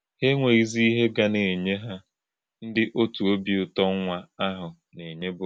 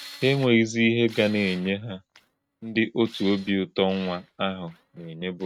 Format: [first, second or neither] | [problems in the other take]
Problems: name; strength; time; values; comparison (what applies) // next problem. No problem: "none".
first | noise reduction (neural mask model RNNoise)